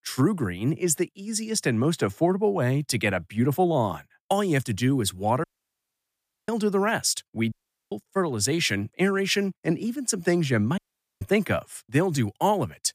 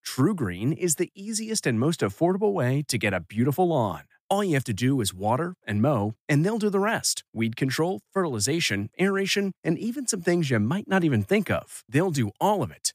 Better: second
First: audio cutting out; at 5.5 s for 1 s, at 7.5 s and at 11 s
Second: none

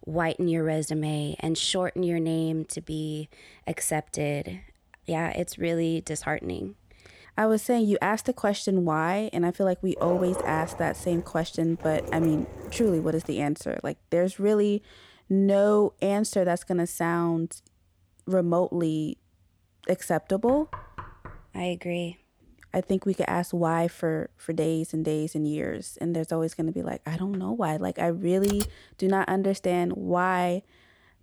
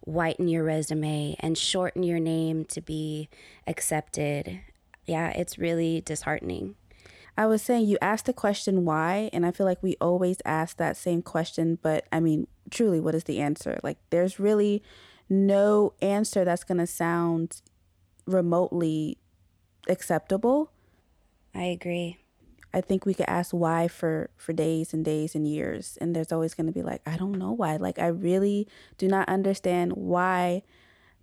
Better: second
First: dog barking; noticeable; from 10 to 13 s; peak 5 dB below the speech // door banging; faint; at 20 s; peak 15 dB below the speech // keyboard typing; noticeable; at 28 s; peak 7 dB below the speech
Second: none

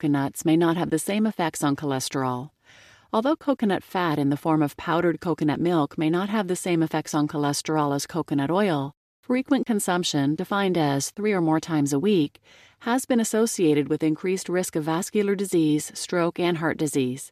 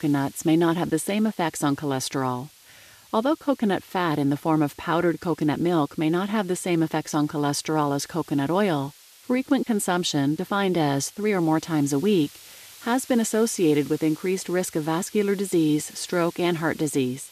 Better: first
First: none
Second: hiss; faint; throughout; 20 dB below the speech

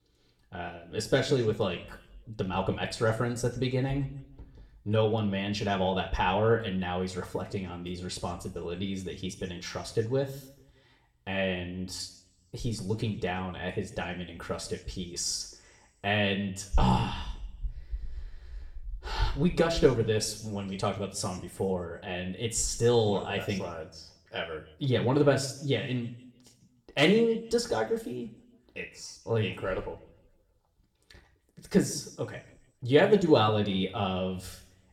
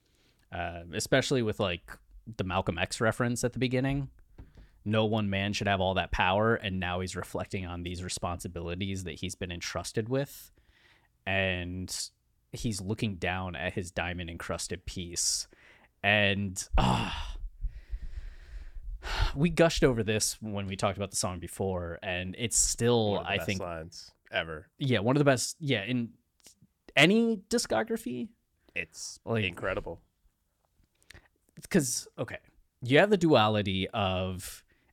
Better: second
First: room echo; slight; dies away in 0.6 s // off-mic speech; somewhat distant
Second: none

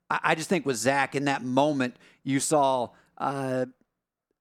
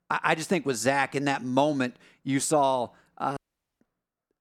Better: first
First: none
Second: audio cutting out; at 3.5 s

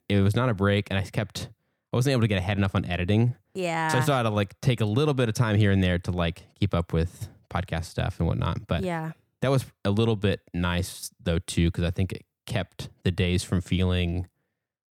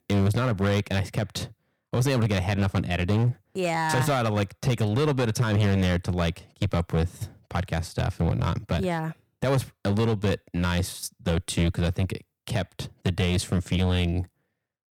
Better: first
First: none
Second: distortion; slight; 9% of the sound clipped

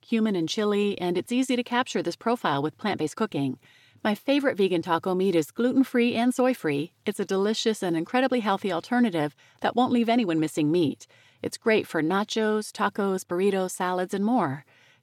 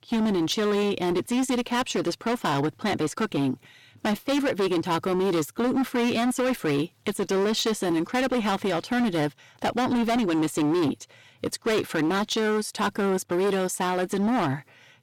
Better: first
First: none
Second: distortion; heavy; 23% of the sound clipped

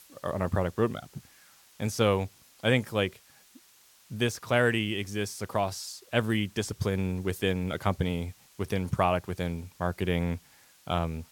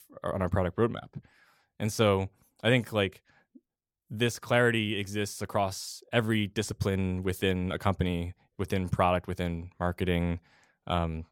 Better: second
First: hiss; faint; throughout; 25 dB below the speech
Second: none

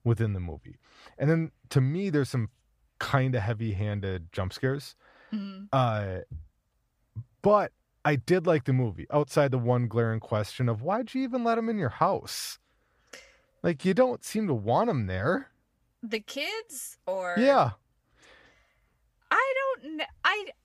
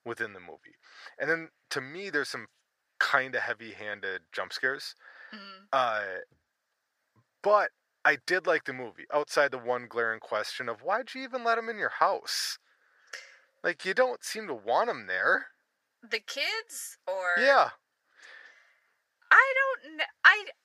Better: first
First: none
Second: thin; very; fading below 550 Hz

